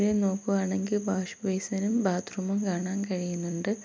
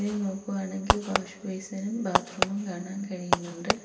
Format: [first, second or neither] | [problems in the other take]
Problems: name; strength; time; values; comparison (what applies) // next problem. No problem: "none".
first | background sound (Fireworks); 1 dB above the speech // room echo; dies away in 2.1 s